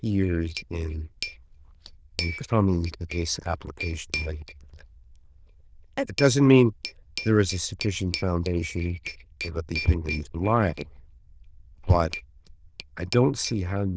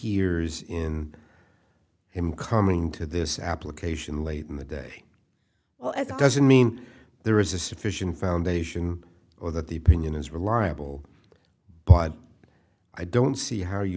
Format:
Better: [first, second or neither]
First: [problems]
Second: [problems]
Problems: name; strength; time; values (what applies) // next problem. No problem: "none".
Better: second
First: noise reduction (neural diffusion model UNIVERSE++)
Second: none